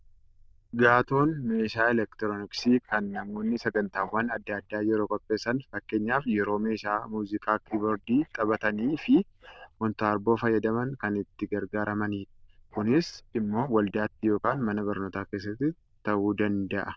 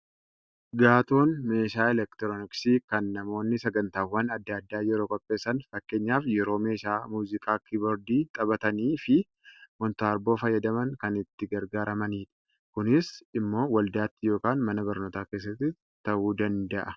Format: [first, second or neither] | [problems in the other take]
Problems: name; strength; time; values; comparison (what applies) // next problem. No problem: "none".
second | noise reduction (neural diffusion model UNIVERSE++)